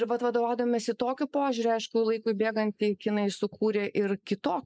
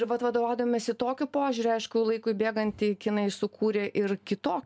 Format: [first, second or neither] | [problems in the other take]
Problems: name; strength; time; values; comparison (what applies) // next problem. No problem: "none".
second | noise reduction (neural mask model Resemble Enhance denoiser)